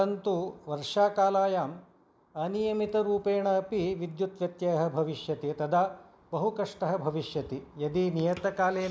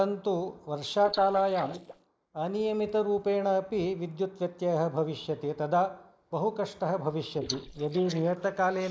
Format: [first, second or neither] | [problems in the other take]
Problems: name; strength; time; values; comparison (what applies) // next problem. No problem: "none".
first | noise reduction (neural mask model Resemble Enhance denoiser)